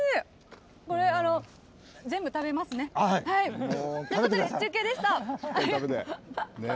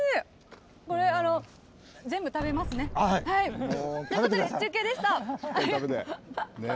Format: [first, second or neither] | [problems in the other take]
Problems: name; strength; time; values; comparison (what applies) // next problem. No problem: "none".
first | background sound (Boom); 11 dB below the speech